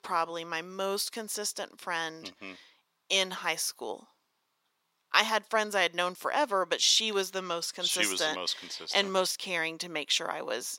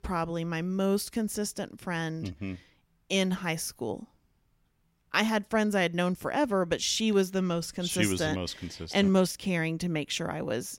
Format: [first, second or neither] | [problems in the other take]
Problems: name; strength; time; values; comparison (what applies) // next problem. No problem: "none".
second | thin; very; fading below 550 Hz